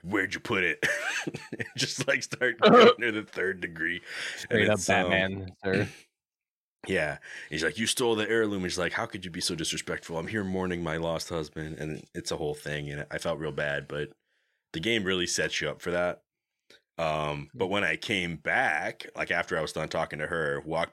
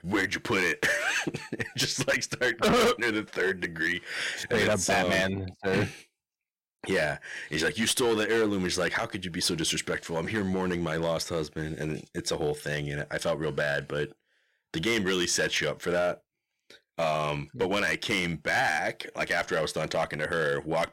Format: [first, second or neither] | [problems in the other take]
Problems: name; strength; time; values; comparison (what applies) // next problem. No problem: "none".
first | distortion; heavy; 6% of the sound clipped